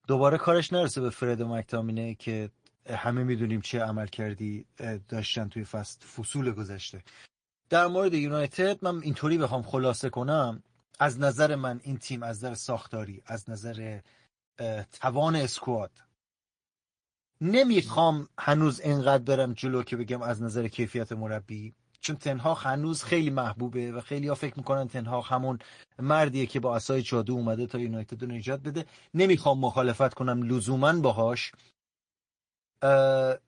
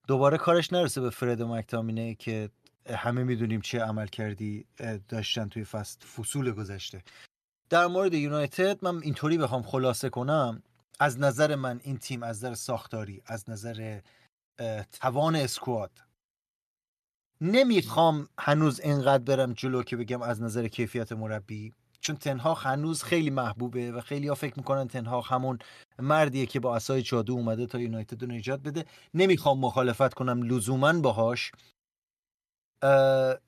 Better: second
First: garbled, watery; slightly; nothing above 9.5 kHz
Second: none

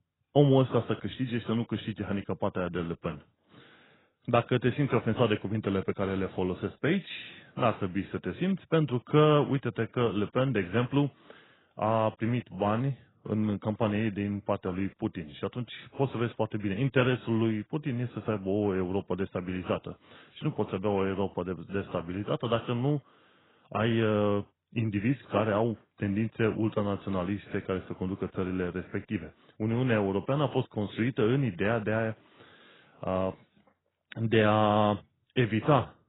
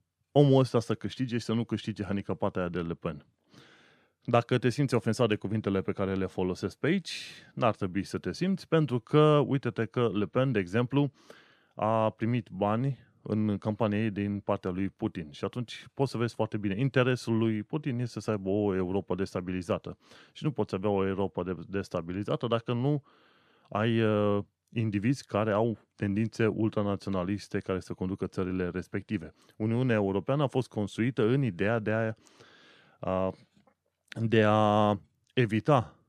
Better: second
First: garbled, watery; badly; nothing above 3.5 kHz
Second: none

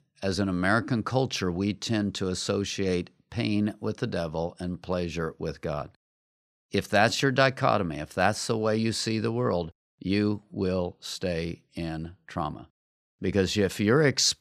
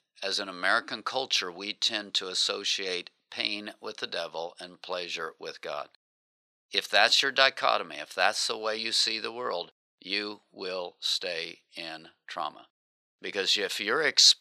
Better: first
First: none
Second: thin; very; fading below 600 Hz

